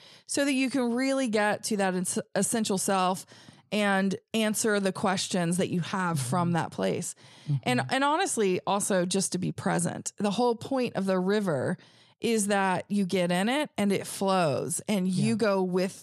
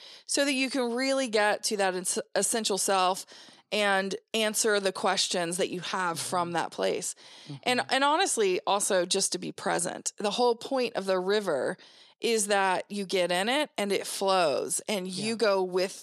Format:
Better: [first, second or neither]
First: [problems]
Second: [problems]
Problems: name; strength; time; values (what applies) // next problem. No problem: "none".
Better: first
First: none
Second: thin; somewhat; fading below 350 Hz